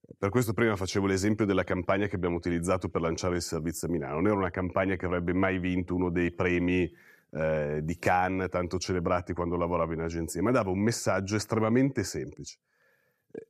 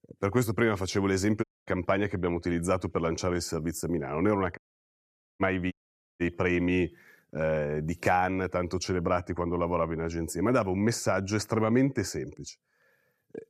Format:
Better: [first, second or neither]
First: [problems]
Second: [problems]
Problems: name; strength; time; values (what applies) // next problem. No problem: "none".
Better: first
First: none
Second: audio cutting out; at 1.5 s, at 4.5 s for 1 s and at 5.5 s